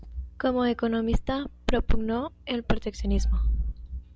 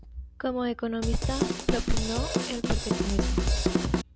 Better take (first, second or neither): first